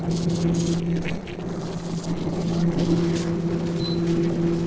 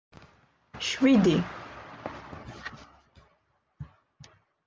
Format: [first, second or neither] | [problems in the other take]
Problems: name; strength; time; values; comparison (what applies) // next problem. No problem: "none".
second | noise reduction (neural separator model SepFormer DNS4)